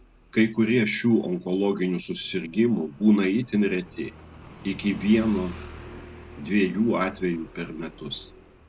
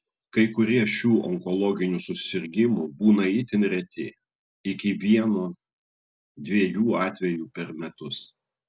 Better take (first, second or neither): second